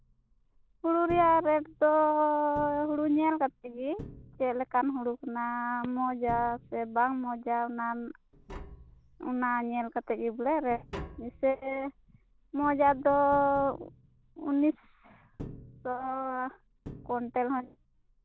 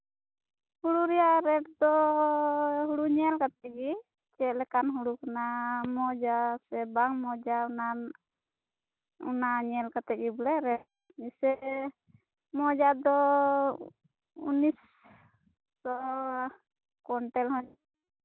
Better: second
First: background sound (Tap); 19 dB below the speech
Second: none

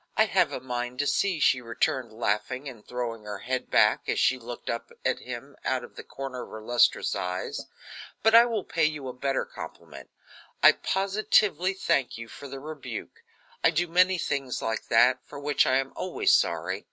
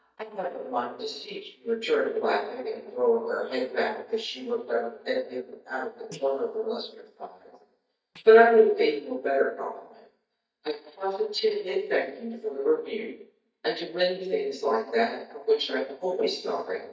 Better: first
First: none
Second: noise reduction (neural mask model DeepFilterNet 3)

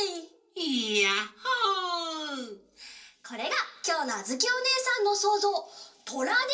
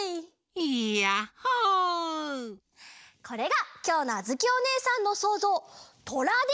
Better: second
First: room echo; dies away in 0.3 s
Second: none

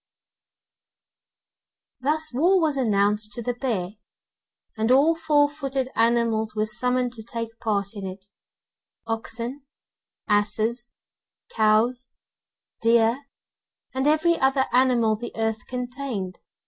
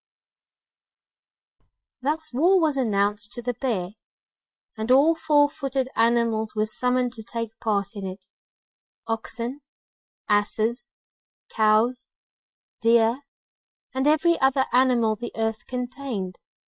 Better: first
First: none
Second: noise reduction (neural separator model SepFormer WHAM!)

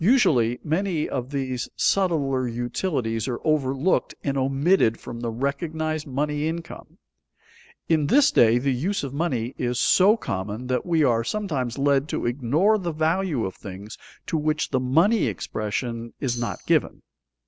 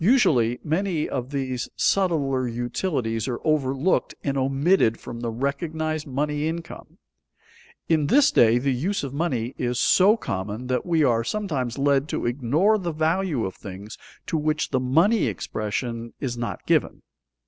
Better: second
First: background sound (Tambourine); 13 dB below the speech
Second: none

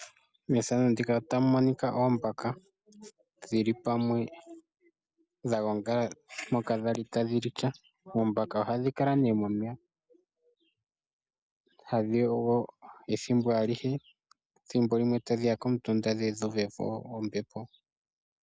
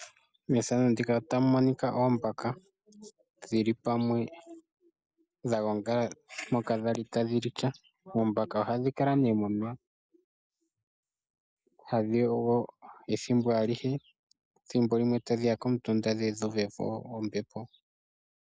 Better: first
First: none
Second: noise reduction (neural mask model Resemble Enhance denoiser)

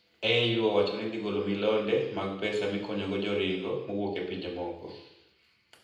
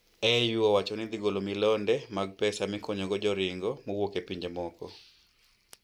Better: second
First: room echo; dies away in 0.8 s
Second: none

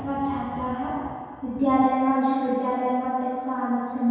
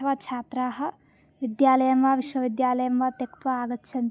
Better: second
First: background sound (Thunder); 20 dB below the speech // room echo; dies away in 1.9 s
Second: none

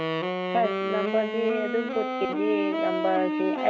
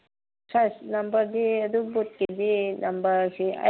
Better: second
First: background sound (Wind instrument, woodwind instrument); as loud as the speech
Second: none

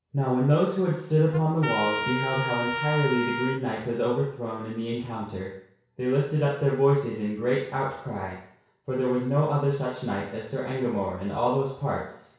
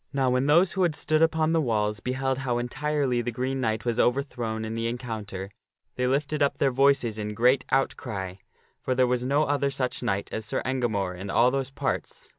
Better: second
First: background sound (Trumpet); 6 dB below the speech // room echo; dies away in 0.6 s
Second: none

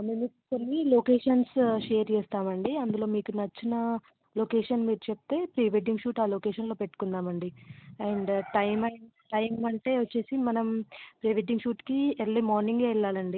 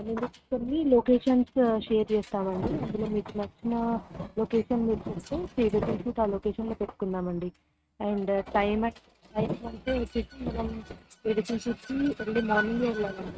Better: first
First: none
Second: noise reduction (neural mask model RNNoise)

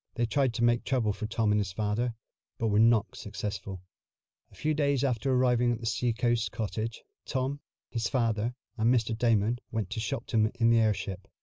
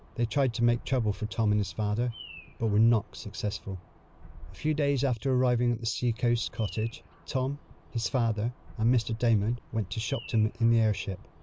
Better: first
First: none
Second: background sound (Bird vocalization, bird call, bird song); 19 dB below the speech

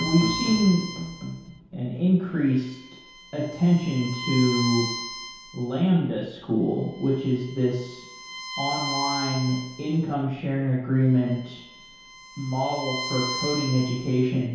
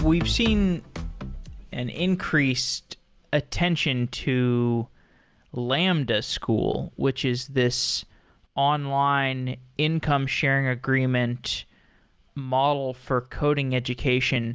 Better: second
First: background sound (Bowed string instrument); 10 dB below the speech // room echo; dies away in 0.8 s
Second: none

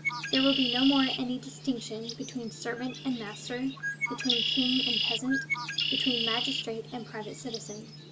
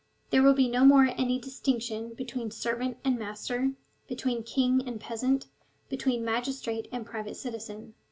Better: second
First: background sound (Bird); as loud as the speech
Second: none

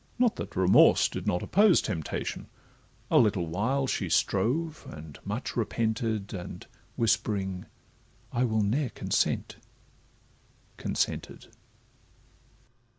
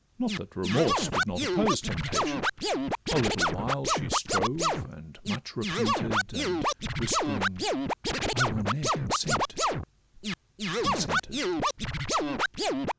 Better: first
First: none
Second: background sound (Scratching (performance technique)); 4 dB above the speech

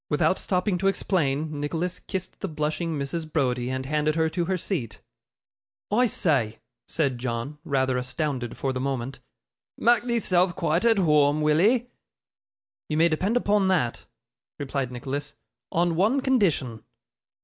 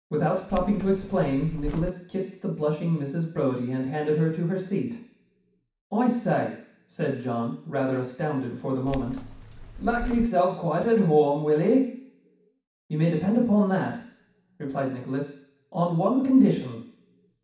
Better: first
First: none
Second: background sound (Keys jangling); 10 dB below the speech // room echo; dies away in 0.6 s

